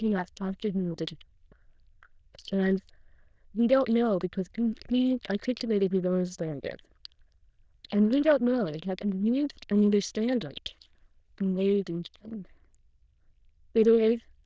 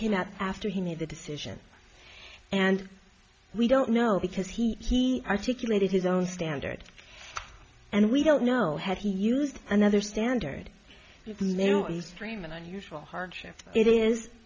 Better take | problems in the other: second | noise reduction (neural diffusion model UNIVERSE++)

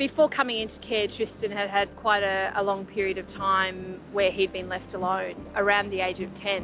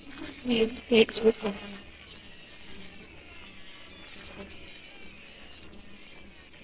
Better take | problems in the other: first | noise reduction (neural separator model SepFormer WHAMR!)

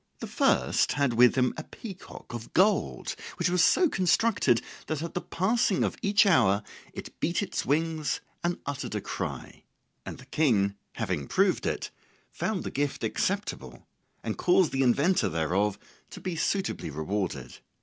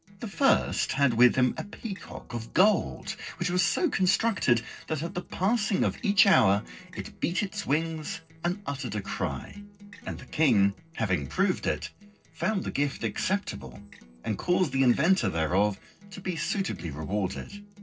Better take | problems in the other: first | noise reduction (neural separator model SepFormer DNS4)

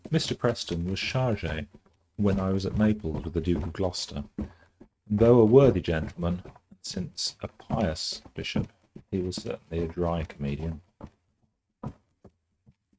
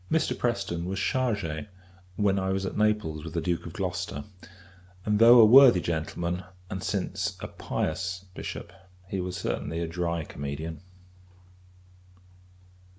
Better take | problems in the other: second | noise reduction (neural mask model RNNoise)

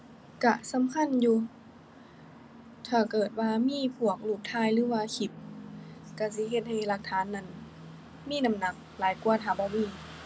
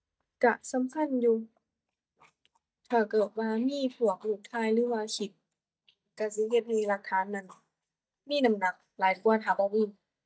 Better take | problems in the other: first | noise reduction (neural mask model DeepFilterNet 3)

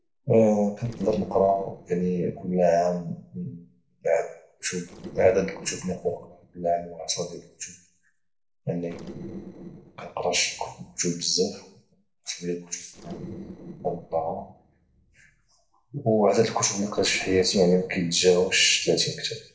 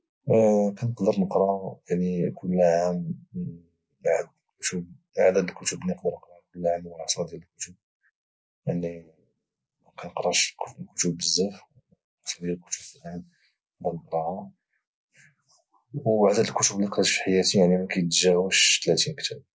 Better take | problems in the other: second | noise reduction (neural separator model SepFormer DNS4)

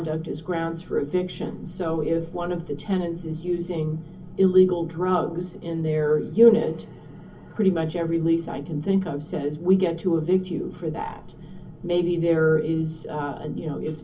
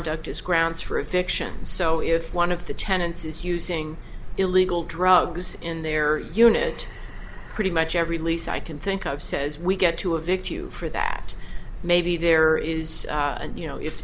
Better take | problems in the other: second | room echo; dies away in 0.3 s

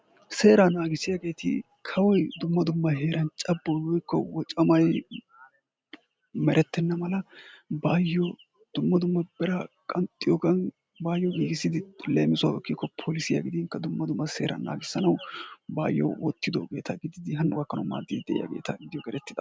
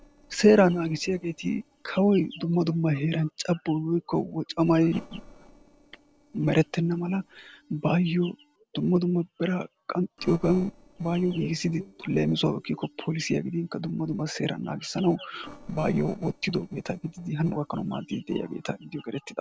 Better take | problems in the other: first | noise reduction (neural separator model SepFormer DNS4)

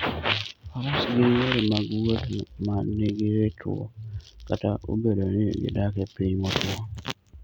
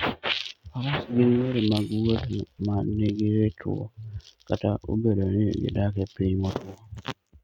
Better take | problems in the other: first | noise reduction (neural mask model RNNoise)

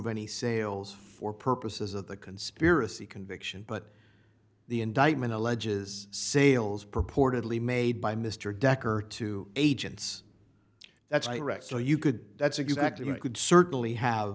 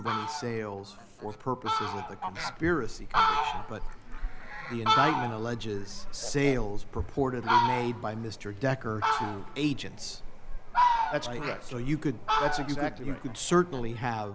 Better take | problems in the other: first | background sound (Fowl); 1 dB above the speech

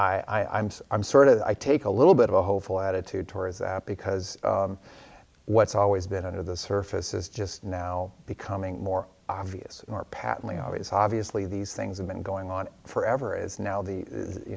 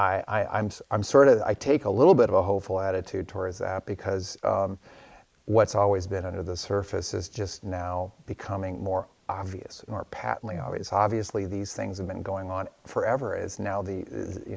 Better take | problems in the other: first | noise reduction (neural mask model Resemble Enhance denoiser)

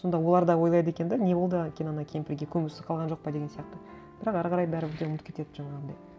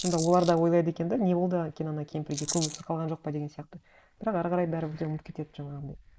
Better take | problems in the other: first | noise reduction (neural mask model Resemble Enhance denoiser)

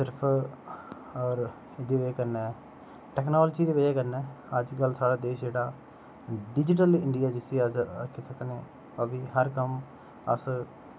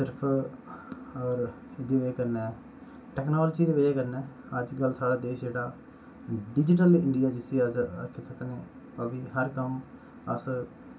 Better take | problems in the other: first | room echo; dies away in 0.2 s

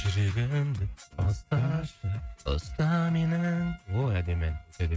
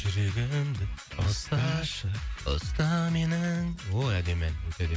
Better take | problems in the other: second | noise reduction (neural mask model RNNoise)

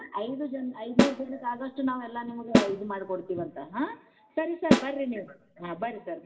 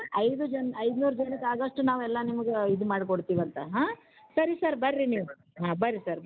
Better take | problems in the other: second | background sound (Snare drum); 4 dB above the speech // room echo; dies away in 0.6 s

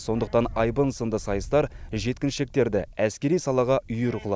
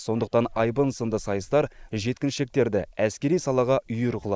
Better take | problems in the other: first | noise reduction (neural mask model Resemble Enhance denoiser)

